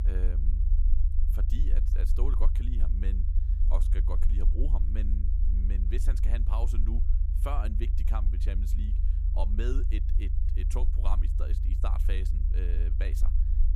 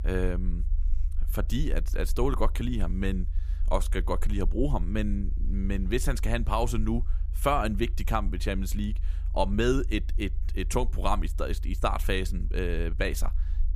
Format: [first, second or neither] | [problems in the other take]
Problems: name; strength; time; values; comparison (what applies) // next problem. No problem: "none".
second | low rumble; loud; throughout; 6 dB below the speech; faint in the second